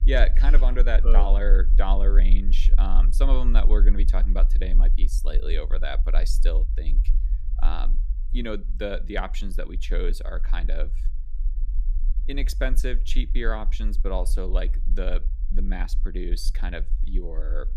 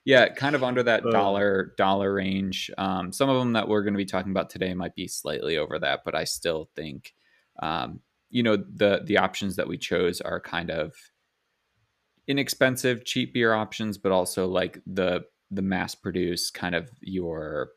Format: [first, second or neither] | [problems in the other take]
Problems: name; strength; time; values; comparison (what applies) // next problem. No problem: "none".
second | low rumble; noticeable; throughout; 15 dB below the speech